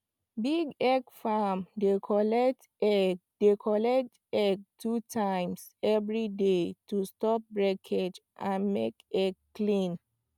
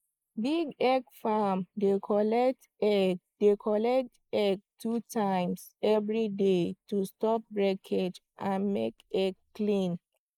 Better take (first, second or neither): first